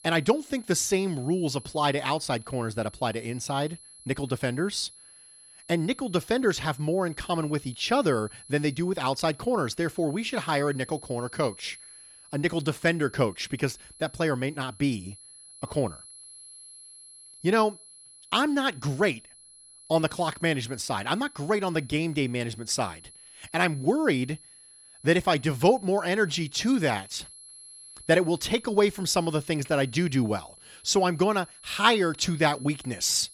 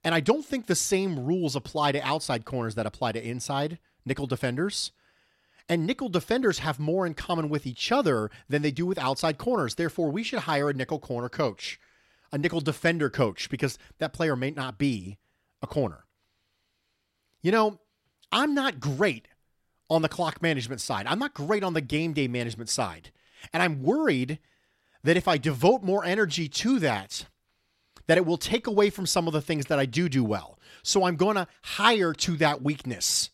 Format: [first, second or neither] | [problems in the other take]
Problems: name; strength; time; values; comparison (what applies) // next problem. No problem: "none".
second | high-pitched whine; faint; throughout; 11 kHz, 20 dB below the speech